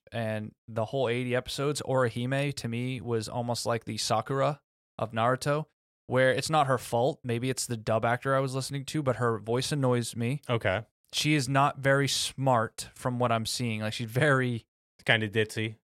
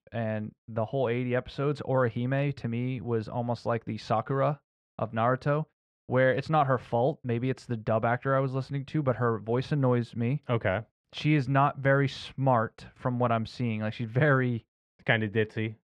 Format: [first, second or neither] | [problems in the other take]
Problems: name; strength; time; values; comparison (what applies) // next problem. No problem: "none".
first | muffled; slightly; fading above 2 kHz